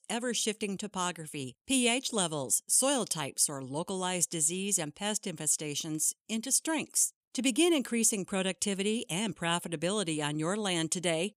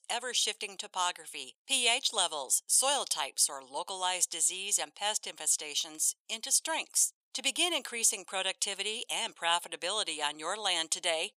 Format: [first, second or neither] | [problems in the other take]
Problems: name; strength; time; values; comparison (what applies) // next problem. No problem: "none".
first | thin; very; fading below 750 Hz